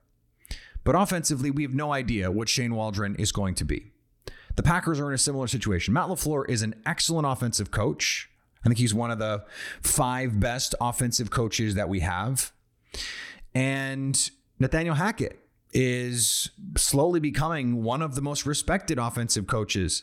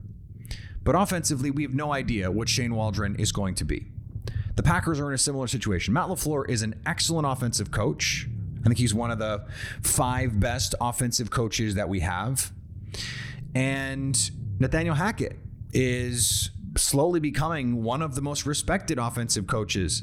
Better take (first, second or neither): first